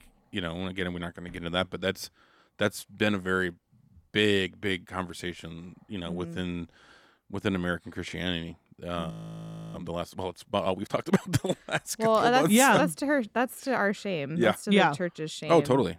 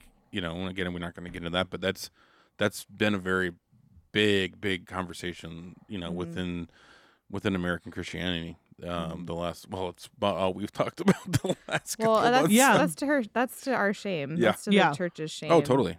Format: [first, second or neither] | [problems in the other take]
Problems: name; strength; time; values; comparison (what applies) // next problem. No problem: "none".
second | audio freezing; at 9 s for 0.5 s